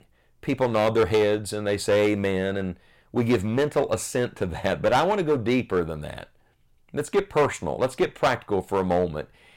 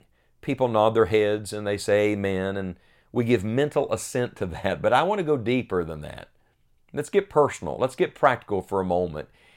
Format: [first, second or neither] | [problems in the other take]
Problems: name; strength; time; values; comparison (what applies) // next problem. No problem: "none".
second | distortion; slight; 7% of the sound clipped